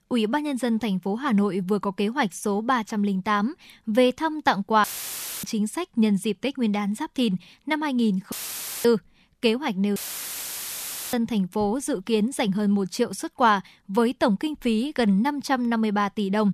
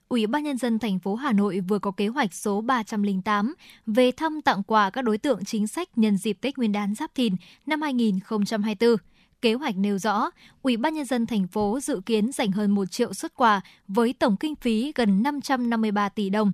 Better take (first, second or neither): second